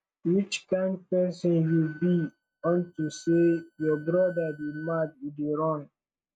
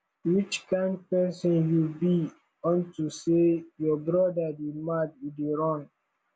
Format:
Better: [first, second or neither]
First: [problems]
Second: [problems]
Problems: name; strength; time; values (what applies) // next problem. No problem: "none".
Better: second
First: noise reduction (neural mask model RNNoise)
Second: none